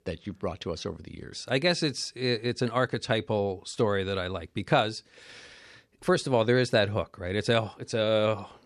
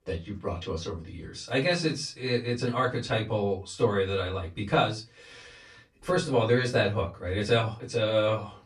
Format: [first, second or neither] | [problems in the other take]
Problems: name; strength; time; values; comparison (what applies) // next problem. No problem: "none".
first | off-mic speech; far // room echo; very slight; dies away in 0.2 s